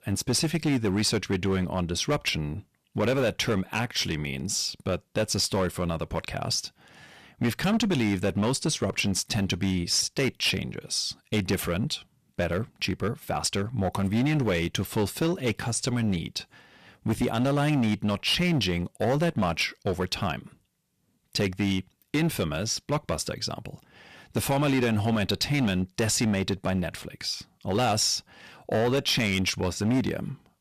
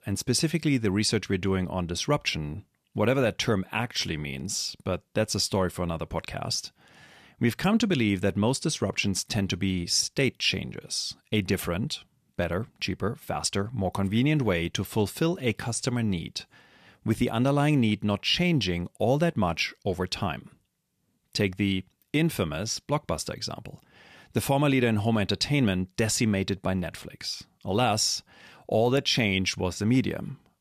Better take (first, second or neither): second